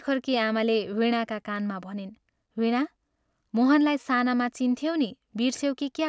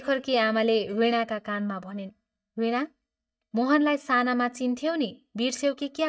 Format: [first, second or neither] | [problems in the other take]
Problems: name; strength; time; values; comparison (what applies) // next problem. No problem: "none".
first | noise reduction (neural mask model DeepFilterNet 3)